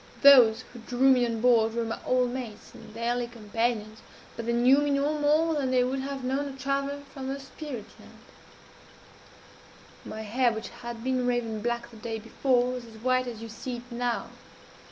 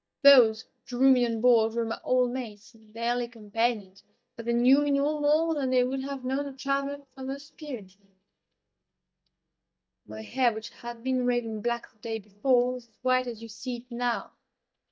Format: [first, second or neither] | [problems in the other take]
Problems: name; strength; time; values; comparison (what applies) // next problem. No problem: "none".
first | noise reduction (neural mask model DeepFilterNet 3)